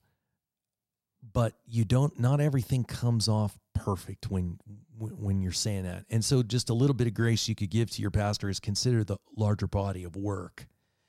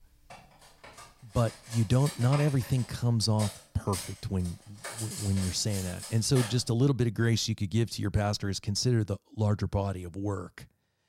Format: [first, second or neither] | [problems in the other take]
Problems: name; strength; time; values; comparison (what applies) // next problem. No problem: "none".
first | clattering dishes; noticeable; until 6.5 s; peak 8 dB below the speech